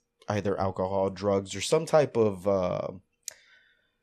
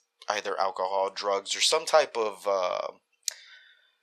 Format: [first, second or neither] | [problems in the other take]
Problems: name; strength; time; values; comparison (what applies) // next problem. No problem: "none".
first | thin; very; fading below 900 Hz